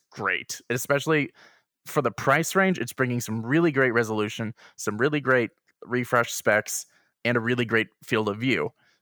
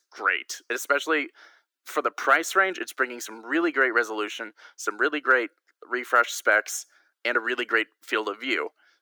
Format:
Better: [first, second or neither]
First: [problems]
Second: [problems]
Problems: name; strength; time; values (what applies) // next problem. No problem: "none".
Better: first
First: none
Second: thin; very; fading below 300 Hz